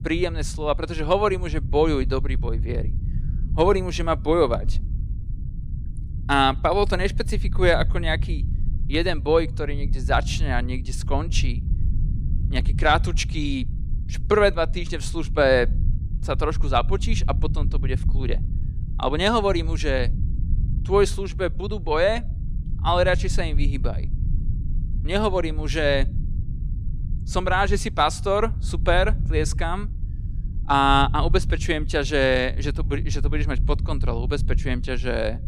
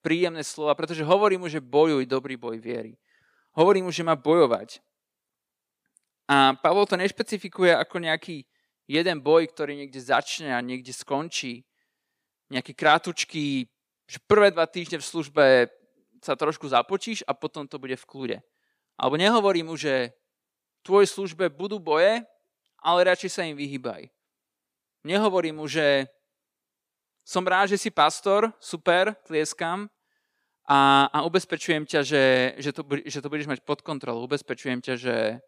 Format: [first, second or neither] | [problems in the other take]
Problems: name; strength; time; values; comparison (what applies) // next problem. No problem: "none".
second | low rumble; faint; throughout; 20 dB below the speech